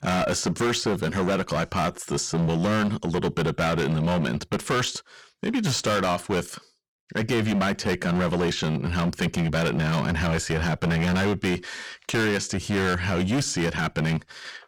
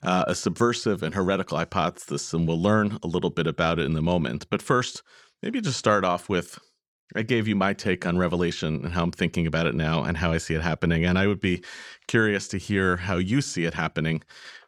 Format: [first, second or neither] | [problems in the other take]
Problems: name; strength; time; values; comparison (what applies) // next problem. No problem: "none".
second | distortion; heavy; 21% of the sound clipped